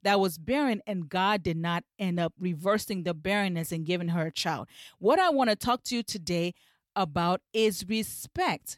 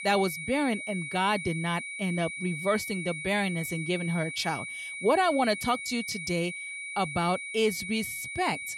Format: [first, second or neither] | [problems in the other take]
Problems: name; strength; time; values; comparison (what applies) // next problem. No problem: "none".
first | high-pitched whine; loud; throughout; 2.5 kHz, 6 dB below the speech